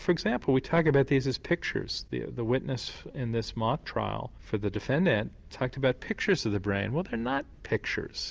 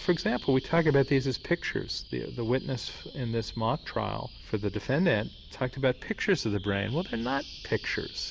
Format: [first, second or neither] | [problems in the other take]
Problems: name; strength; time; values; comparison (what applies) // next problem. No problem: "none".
first | background sound (Bird vocalization, bird call, bird song); 19 dB below the speech